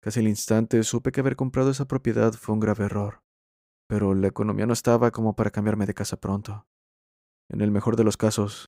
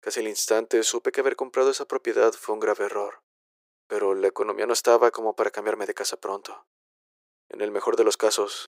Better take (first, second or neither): first